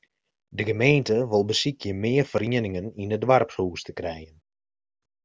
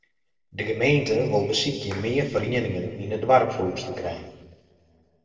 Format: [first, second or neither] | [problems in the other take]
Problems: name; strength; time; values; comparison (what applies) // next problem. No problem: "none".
first | noise reduction (neural separator model SepFormer DNS4)